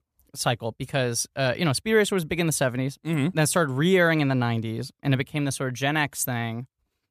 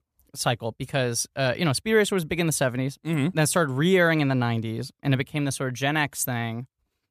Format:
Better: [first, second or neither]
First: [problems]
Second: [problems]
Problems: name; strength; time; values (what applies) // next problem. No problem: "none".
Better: neither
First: none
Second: none